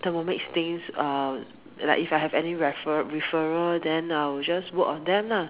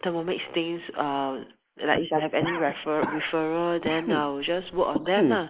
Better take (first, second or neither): first